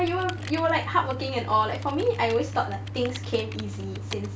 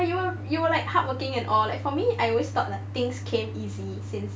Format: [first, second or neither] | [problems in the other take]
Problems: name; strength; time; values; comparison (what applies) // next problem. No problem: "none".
second | background sound (Computer keyboard); 18 dB below the speech